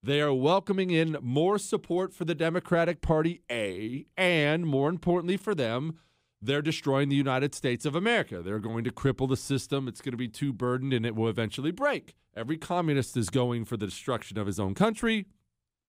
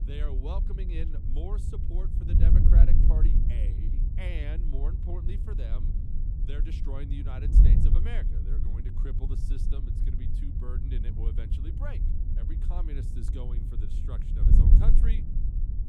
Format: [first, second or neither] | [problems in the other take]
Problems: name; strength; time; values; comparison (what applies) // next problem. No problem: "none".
first | wind noise on the microphone; heavy; 1 dB above the speech